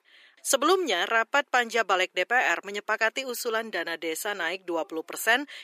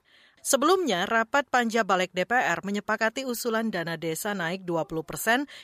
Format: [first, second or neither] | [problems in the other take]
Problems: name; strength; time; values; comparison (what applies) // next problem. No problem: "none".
second | thin; somewhat; fading below 350 Hz